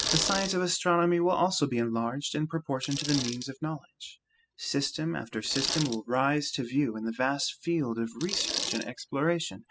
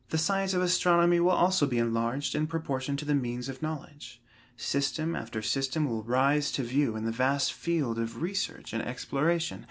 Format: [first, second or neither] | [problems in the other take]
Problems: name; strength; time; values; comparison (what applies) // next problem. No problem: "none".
second | noise reduction (classical method spectral subtraction)